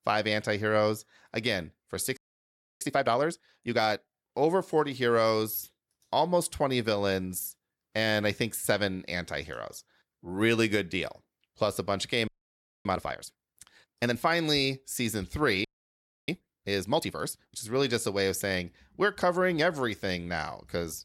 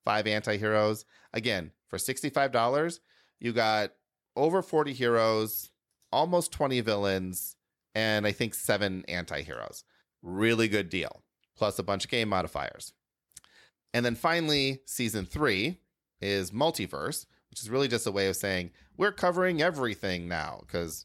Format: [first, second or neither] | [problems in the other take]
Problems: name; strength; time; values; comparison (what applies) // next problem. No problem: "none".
second | audio freezing; at 2 s for 0.5 s, at 12 s for 0.5 s and at 16 s for 0.5 s